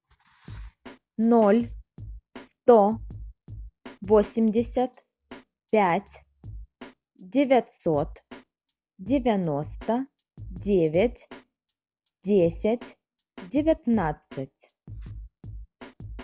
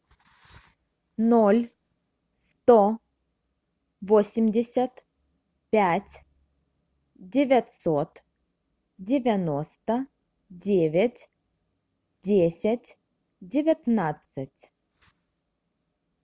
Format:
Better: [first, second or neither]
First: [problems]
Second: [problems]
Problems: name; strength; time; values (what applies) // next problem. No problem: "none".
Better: second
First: noise reduction (classical method log-MMSE)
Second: none